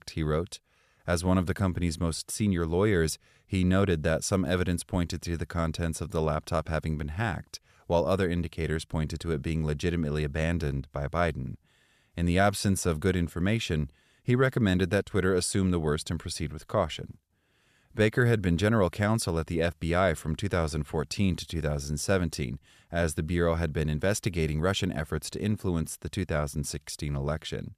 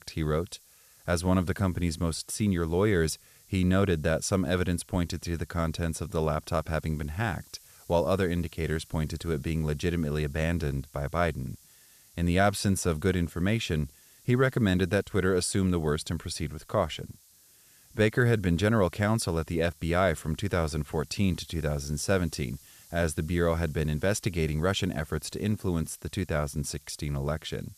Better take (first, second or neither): first